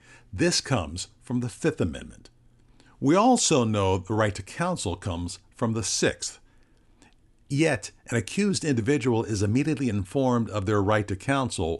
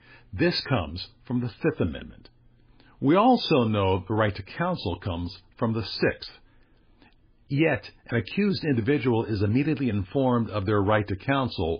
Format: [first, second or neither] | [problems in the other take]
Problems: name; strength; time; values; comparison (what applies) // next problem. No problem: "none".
first | garbled, watery; badly; nothing above 5 kHz